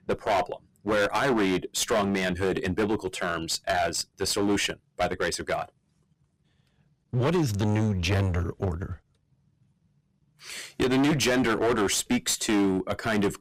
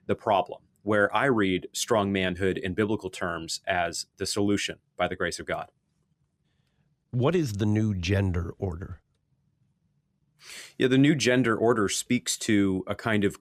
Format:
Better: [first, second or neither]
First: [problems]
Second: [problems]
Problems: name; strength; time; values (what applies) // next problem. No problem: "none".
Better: second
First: distortion; heavy; 13% of the sound clipped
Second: none